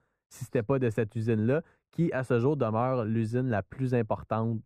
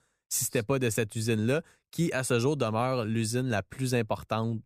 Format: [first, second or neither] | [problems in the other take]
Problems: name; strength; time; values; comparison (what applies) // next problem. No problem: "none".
second | muffled; very; fading above 3 kHz